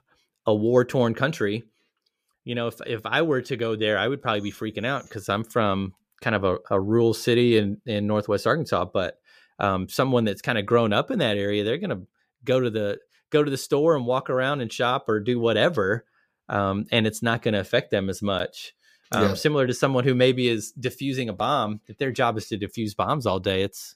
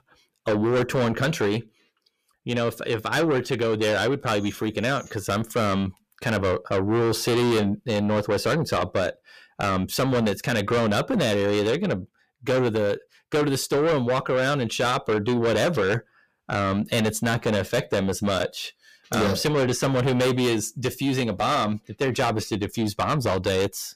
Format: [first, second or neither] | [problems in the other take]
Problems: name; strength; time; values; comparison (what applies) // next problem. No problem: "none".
first | distortion; heavy; 6 dB below the speech